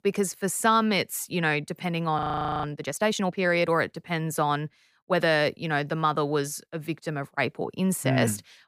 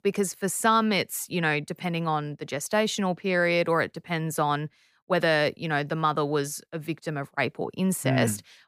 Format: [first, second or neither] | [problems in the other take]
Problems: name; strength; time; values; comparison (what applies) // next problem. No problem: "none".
second | audio freezing; at 2 s